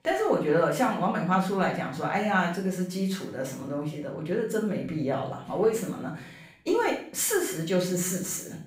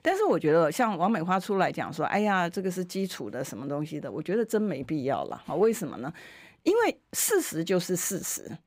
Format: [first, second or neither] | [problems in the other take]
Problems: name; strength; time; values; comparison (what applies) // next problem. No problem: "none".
second | room echo; noticeable; dies away in 0.5 s // off-mic speech; far